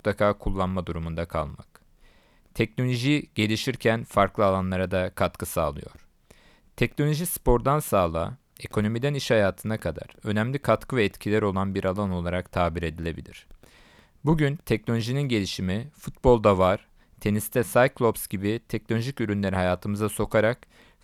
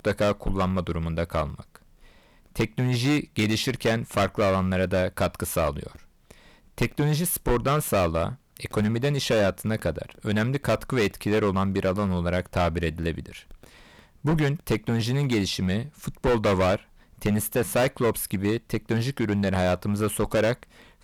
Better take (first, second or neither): first